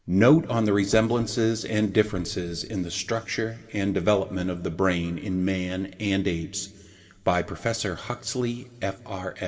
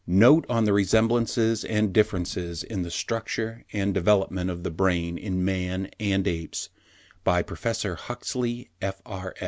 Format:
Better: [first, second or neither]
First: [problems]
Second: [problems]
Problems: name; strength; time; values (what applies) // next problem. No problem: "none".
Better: second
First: room echo; dies away in 1.6 s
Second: none